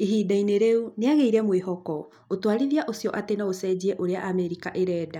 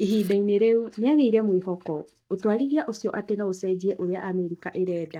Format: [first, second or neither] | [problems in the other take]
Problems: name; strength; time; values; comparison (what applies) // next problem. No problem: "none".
first | noise reduction (neural mask model DeepFilterNet 3)